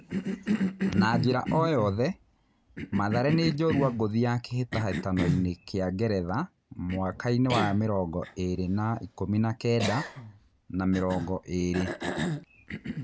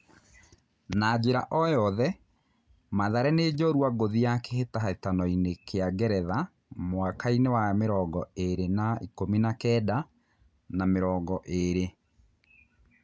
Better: second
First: background sound (Cough); 6 dB below the speech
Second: none

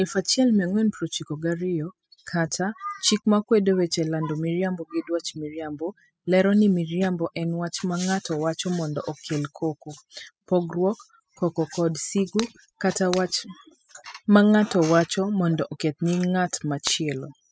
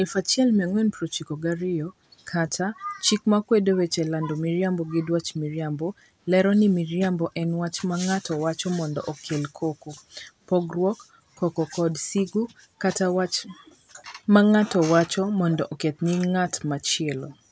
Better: second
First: noise reduction (classical method spectral subtraction)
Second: none

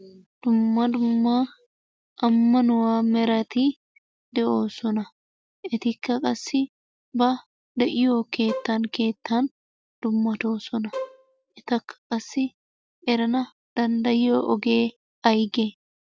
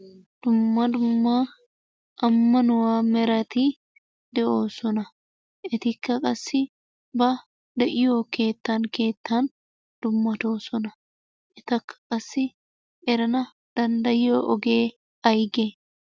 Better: second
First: background sound (Bowed string instrument); 13 dB below the speech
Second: none

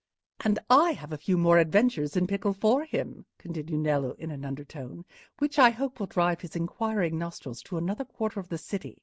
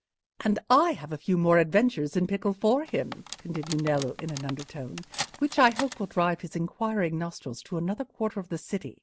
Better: first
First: none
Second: background sound (Cutlery, silverware); 13 dB below the speech

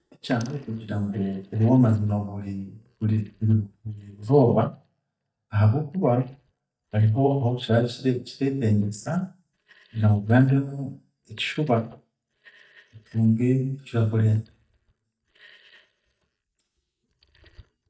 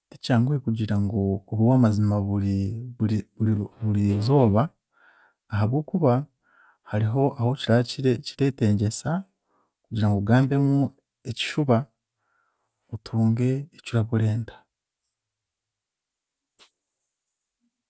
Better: second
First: noise reduction (neural mask model DeepFilterNet 3)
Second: none

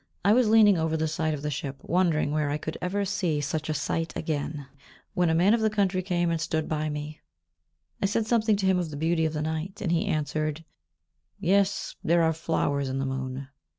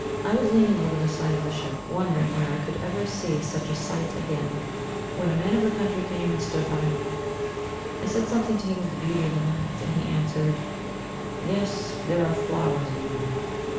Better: first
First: none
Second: background sound (Engine / Mechanisms); 4 dB below the speech // room echo; dies away in 0.8 s

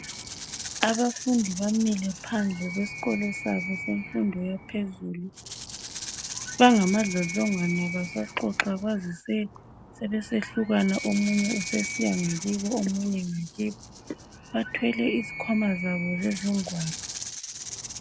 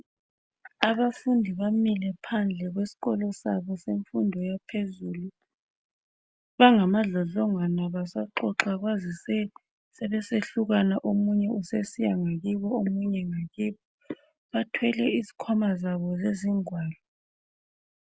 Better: second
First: background sound (Rattle (instrument) + Animal); 10 dB below the speech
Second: none

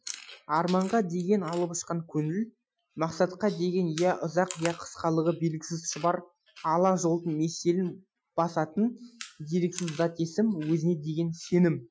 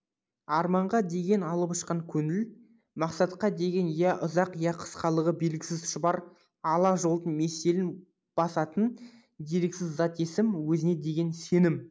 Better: second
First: noise reduction (classical method Wiener filter)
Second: none

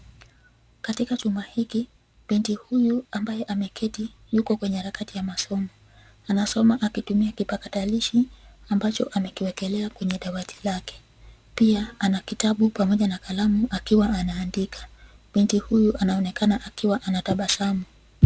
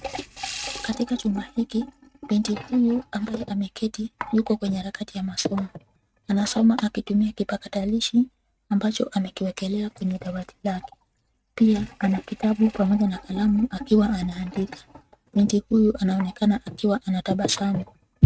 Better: first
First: none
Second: noise reduction (neural mask model RNNoise)

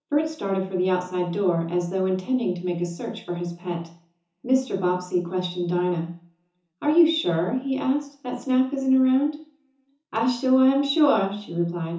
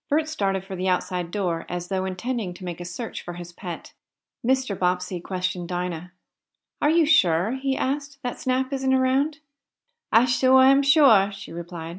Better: second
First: room echo; dies away in 0.6 s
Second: none

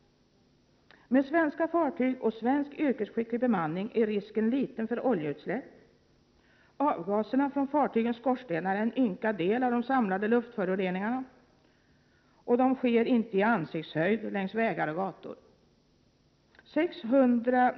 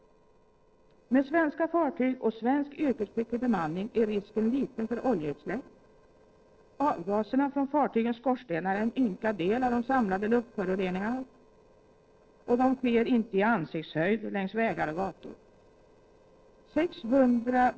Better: first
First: none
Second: noise reduction (neural separator model SepFormer DNS4)

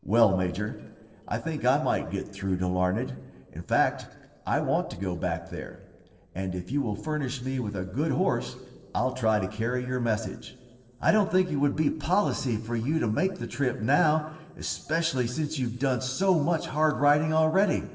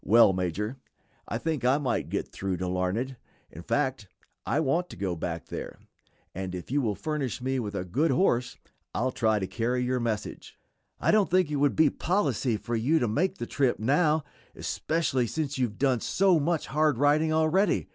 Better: second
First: noise reduction (neural separator model SepFormer DNS4)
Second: none

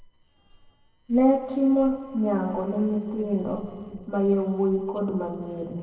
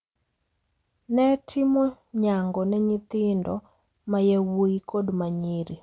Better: second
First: noise reduction (neural separator model SepFormer DNS4)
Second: none

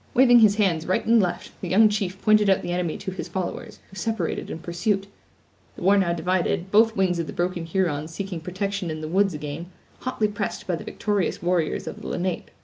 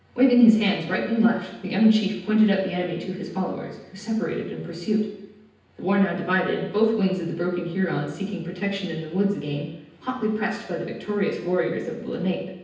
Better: first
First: none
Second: room echo; dies away in 0.9 s

